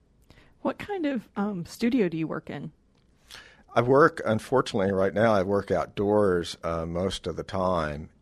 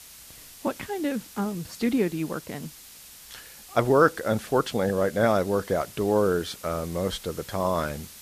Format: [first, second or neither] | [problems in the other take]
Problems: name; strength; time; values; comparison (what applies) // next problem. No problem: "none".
first | hiss; noticeable; throughout; 20 dB below the speech